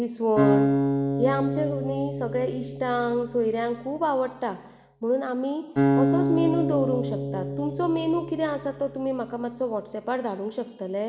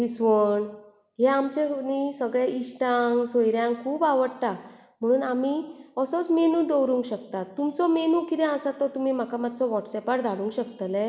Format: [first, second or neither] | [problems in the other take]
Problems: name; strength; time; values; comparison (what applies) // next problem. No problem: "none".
second | background sound (Acoustic guitar); 1 dB below the speech